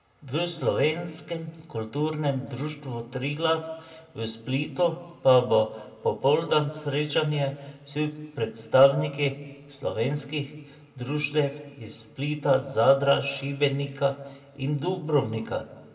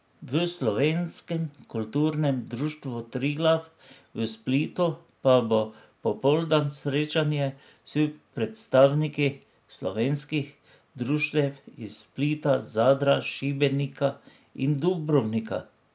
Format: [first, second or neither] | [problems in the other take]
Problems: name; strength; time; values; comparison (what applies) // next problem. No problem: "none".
second | room echo; dies away in 1.1 s